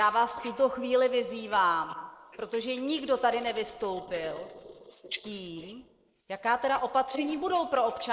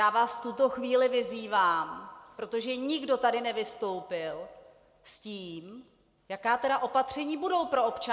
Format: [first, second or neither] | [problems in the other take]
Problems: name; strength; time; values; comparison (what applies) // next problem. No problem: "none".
second | noise reduction (neural mask model Resemble Enhance denoiser)